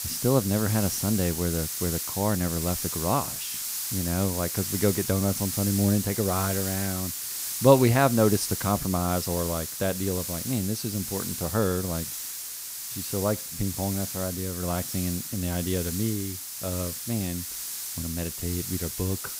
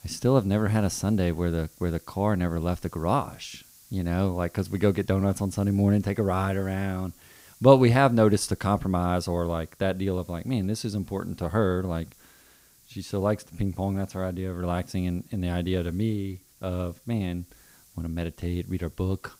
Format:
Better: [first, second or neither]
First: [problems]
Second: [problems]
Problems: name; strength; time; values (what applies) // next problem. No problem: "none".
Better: second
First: hiss; loud; throughout; 3 dB below the speech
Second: hiss; faint; throughout; 25 dB below the speech